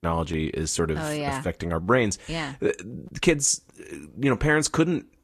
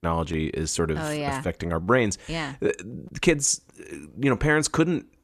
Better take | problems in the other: second | garbled, watery; slightly

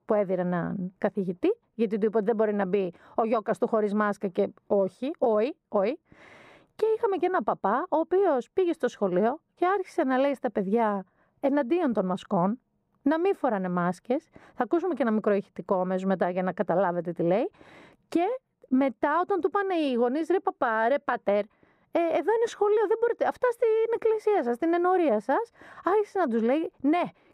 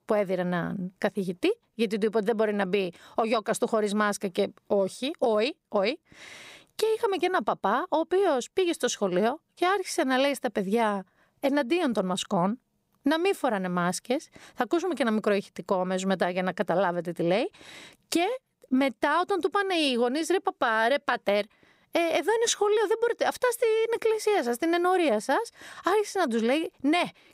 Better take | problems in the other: second | muffled; very; fading above 2.5 kHz

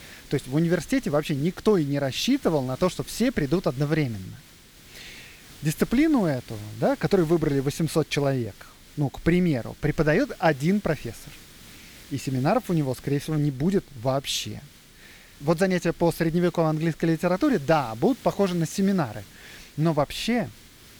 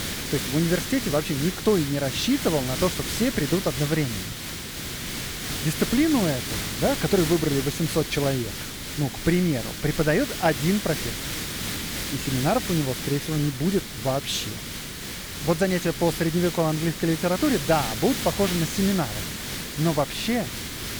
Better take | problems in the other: first | hiss; loud; throughout; 5 dB below the speech; faint in the first

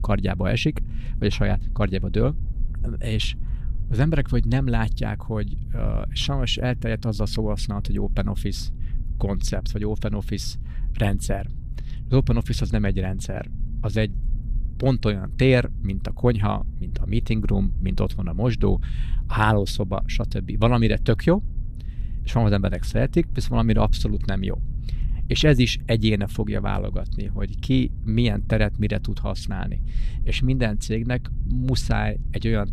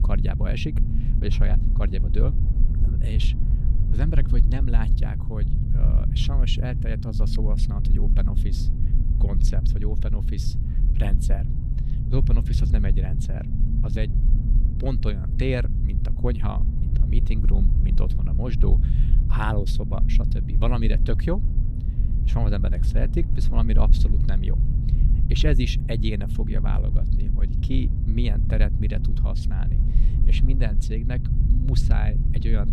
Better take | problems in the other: first | low rumble; loud; throughout; 5 dB below the speech; faint in the first

